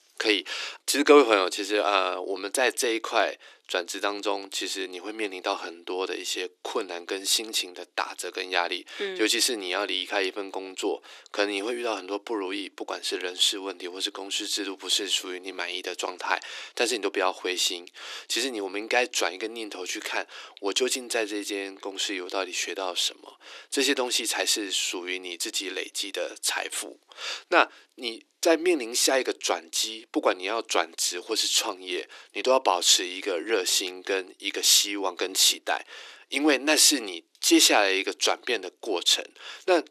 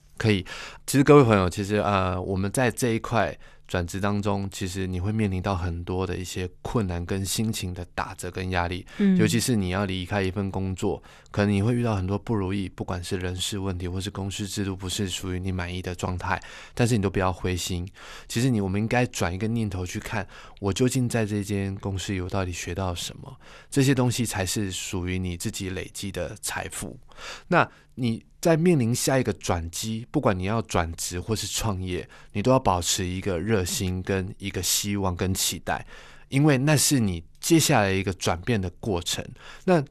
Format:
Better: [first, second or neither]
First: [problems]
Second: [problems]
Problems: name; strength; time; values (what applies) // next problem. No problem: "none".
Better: second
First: thin; somewhat; fading below 300 Hz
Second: none